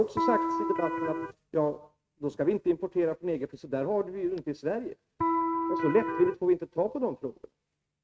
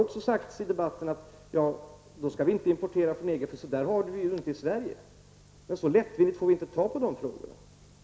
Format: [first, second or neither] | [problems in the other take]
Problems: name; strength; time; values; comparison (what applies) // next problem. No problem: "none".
second | noise reduction (neural mask model RNNoise)